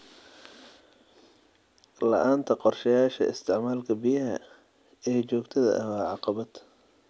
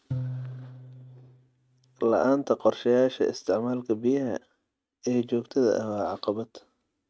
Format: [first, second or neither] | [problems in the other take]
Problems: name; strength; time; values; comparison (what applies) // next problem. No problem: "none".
first | noise reduction (neural mask model RNNoise)